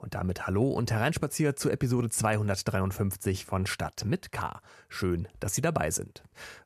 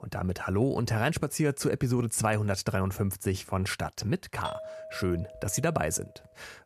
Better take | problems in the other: first | doorbell; noticeable; from 4.5 to 6 s; peak 10 dB below the speech

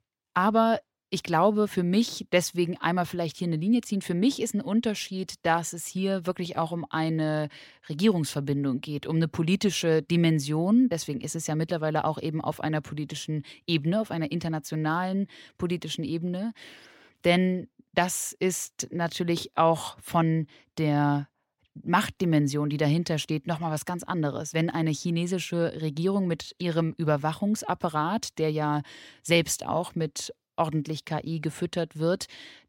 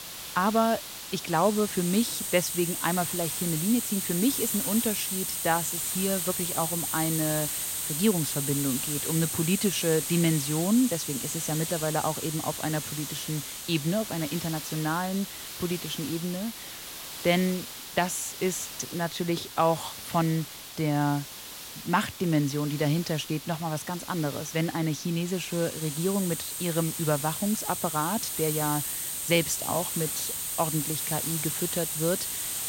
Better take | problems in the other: first | hiss; loud; throughout; 3 dB below the speech

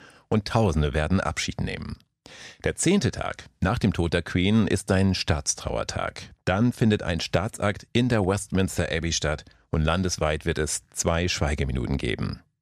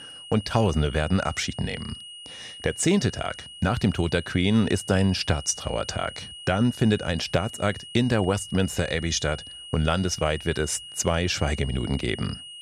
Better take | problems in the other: first | high-pitched whine; noticeable; throughout; 3 kHz, 15 dB below the speech

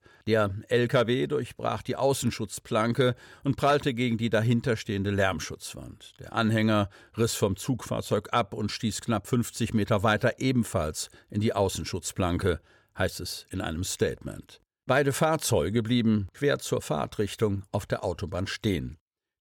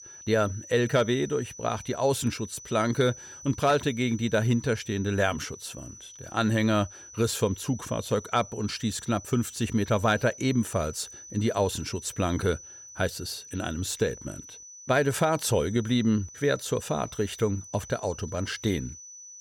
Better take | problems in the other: first | high-pitched whine; noticeable; throughout; 6 kHz, 15 dB below the speech

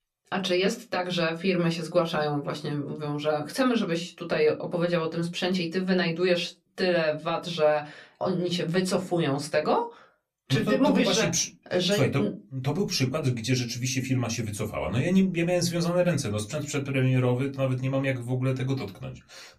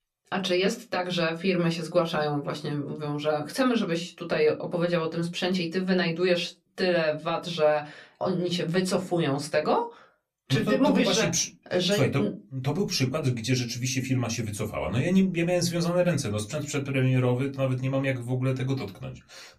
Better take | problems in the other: neither | off-mic speech; somewhat distant; the same in both // room echo; very slight; dies away in 0.2 s; the same in both

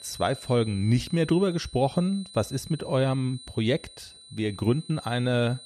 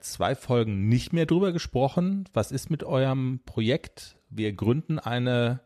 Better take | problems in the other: second | high-pitched whine; noticeable; throughout; 4 kHz, 15 dB below the speech

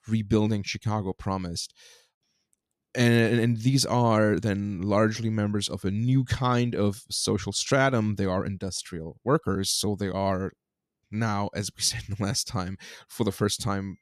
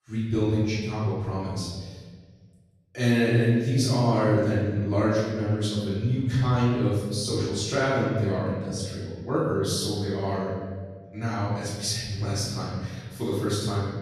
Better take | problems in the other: first | off-mic speech; far // room echo; strong; dies away in 1.6 s

